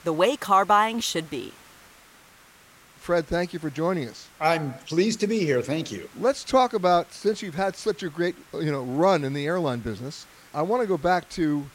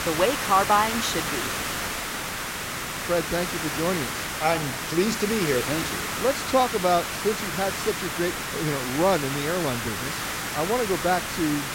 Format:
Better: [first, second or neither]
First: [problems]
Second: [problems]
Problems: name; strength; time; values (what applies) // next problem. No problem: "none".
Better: first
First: hiss; faint; throughout; 25 dB below the speech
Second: hiss; loud; throughout; 2 dB below the speech